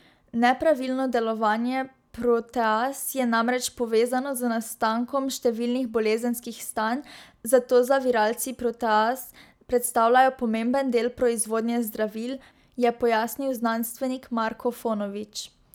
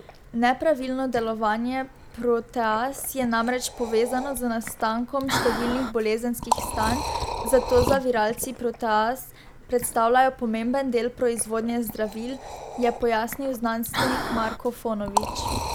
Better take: first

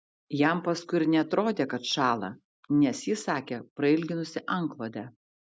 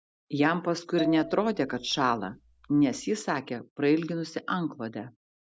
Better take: first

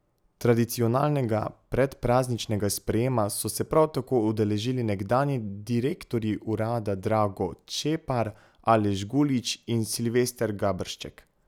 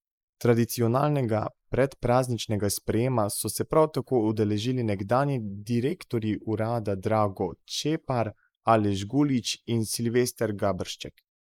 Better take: first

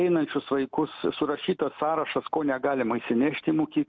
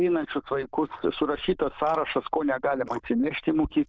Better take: first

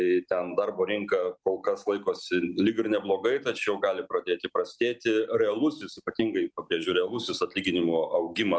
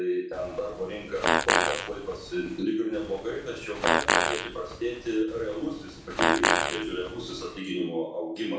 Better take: first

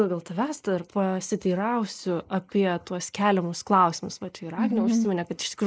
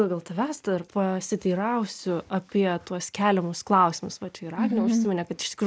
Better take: second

